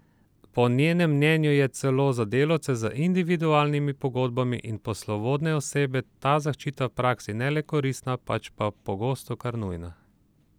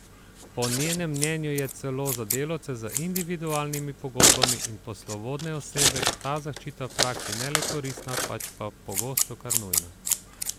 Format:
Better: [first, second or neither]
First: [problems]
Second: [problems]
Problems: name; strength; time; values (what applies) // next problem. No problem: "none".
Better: first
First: none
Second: background sound (Scissors); 3 dB above the speech